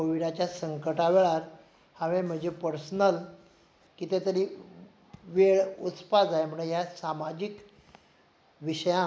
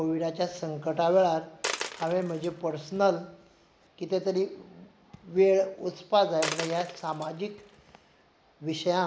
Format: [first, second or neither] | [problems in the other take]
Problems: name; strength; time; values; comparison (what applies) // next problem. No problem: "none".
first | background sound (Coin (dropping)); 14 dB below the speech